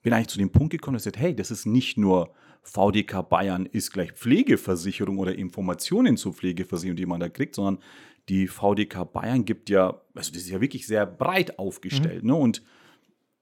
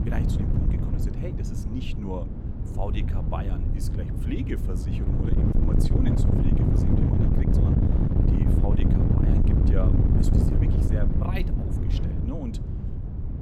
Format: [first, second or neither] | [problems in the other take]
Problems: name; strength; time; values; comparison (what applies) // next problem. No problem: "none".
first | wind noise on the microphone; heavy; 4 dB above the speech